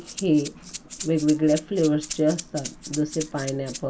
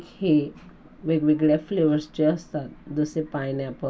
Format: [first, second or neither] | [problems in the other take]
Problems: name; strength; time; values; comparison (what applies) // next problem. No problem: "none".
second | background sound (Rattle (instrument)); 14 dB below the speech